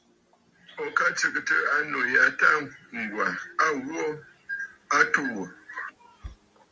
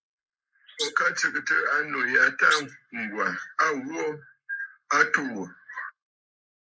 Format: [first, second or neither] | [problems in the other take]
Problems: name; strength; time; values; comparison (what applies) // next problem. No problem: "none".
first | noise reduction (neural mask model Resemble Enhance denoiser)